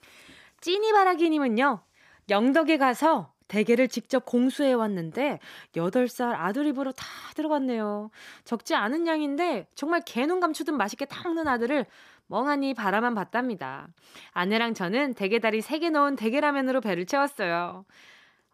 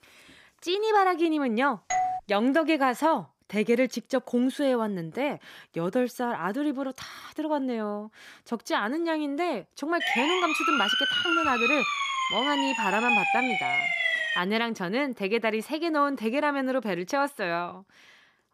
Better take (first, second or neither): first